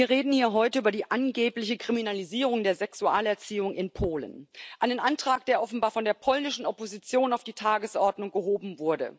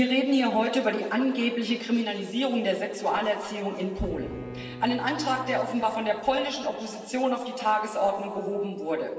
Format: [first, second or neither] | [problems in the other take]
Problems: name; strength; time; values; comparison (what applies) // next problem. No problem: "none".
first | background sound (Bowed string instrument); 16 dB below the speech // room echo; dies away in 2.4 s